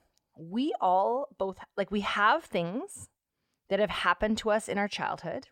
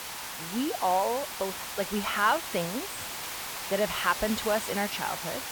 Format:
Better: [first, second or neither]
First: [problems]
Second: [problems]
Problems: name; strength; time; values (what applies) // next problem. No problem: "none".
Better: first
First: none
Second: hiss; loud; throughout; 5 dB below the speech